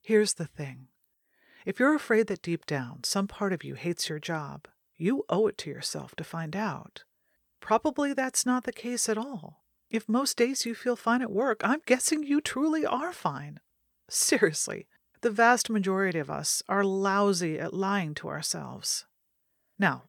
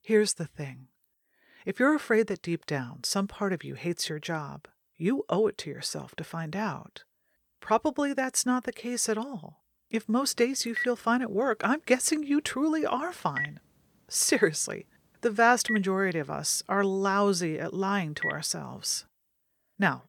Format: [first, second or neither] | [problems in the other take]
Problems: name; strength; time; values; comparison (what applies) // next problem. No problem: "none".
first | phone ringing; noticeable; from 11 to 18 s; peak 4 dB below the speech